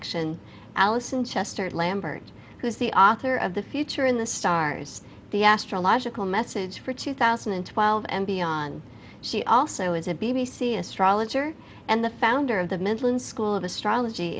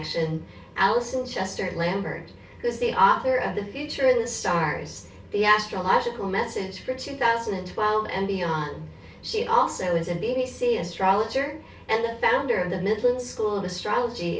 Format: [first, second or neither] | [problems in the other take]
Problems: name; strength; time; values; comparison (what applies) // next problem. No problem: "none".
first | room echo; dies away in 0.3 s